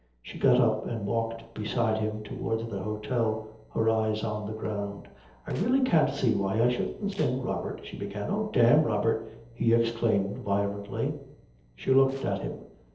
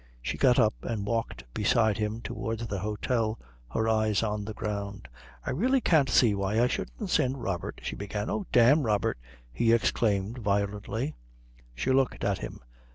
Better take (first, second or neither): second